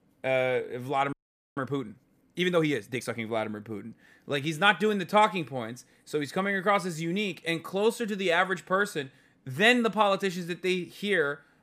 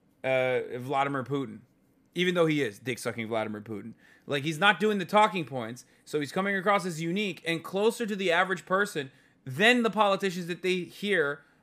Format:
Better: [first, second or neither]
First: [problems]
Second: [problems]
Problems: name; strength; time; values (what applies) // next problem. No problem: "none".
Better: second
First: audio freezing; at 1 s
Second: none